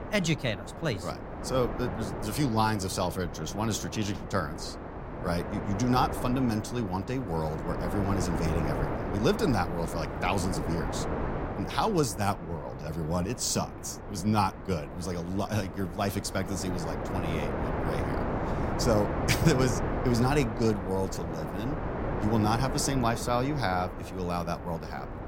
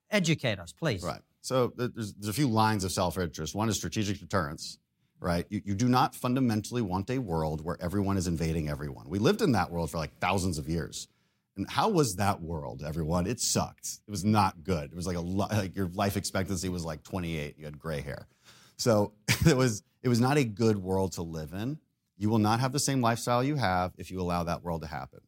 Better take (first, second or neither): second